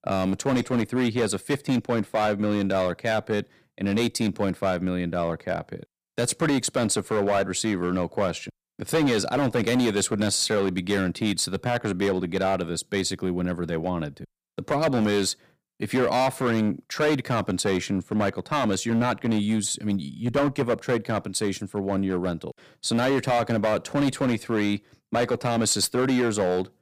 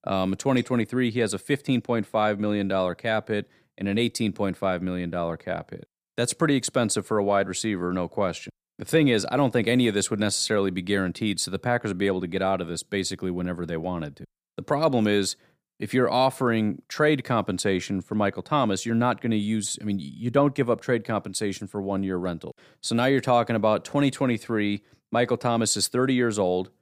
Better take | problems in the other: second | distortion; slight; 9% of the sound clipped

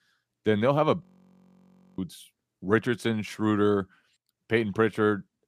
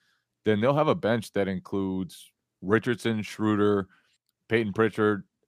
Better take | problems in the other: second | audio freezing; at 1 s for 1 s

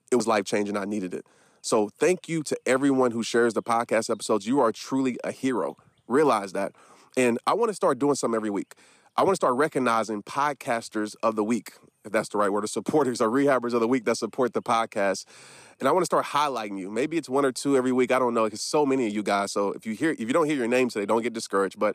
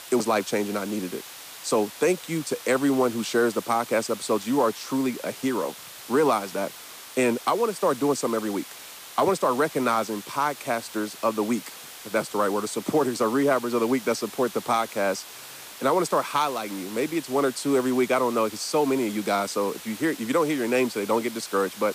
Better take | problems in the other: first | hiss; noticeable; throughout; 15 dB below the speech

